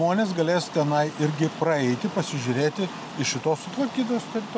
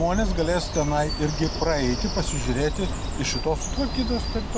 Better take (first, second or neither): first